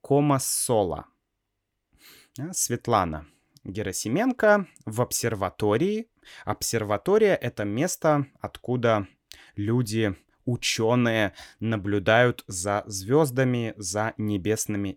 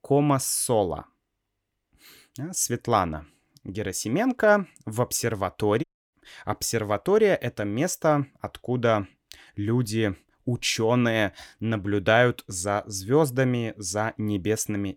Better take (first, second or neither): first